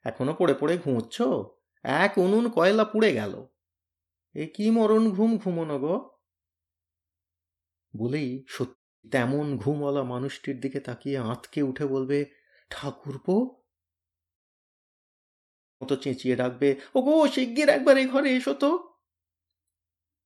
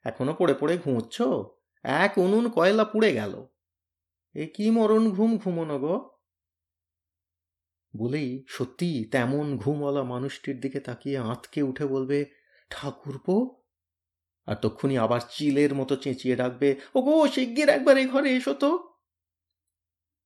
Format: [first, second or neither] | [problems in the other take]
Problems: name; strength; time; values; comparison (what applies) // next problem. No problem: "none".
second | audio cutting out; at 9 s and at 14 s for 1.5 s